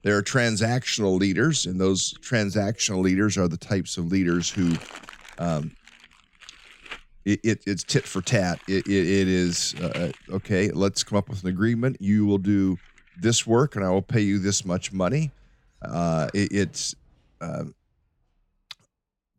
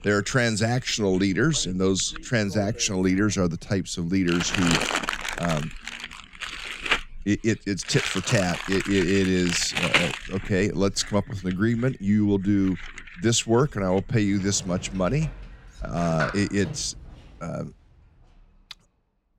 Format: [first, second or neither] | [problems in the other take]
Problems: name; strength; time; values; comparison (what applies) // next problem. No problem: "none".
first | household noises; loud; throughout; 5 dB below the speech; faint in the first